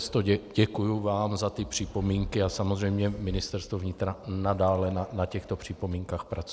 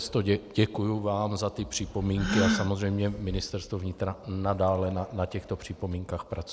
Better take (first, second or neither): first